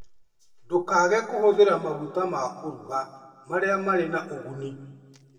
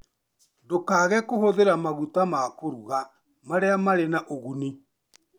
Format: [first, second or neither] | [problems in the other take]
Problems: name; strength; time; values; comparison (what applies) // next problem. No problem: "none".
second | room echo; dies away in 1.2 s